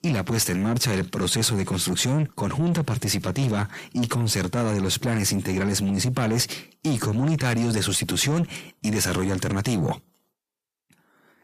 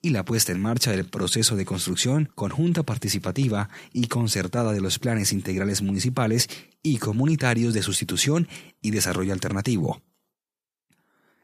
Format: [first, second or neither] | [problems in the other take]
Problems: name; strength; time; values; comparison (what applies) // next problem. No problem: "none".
second | distortion; slight; 10 dB below the speech